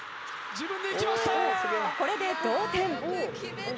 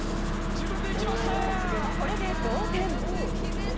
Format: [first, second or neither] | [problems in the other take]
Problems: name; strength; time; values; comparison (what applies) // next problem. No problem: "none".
first | background sound (Engine starting); 4 dB above the speech